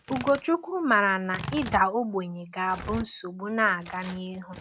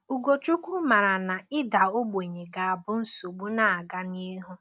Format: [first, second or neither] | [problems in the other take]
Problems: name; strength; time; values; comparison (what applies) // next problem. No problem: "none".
second | background sound (Tearing); 14 dB below the speech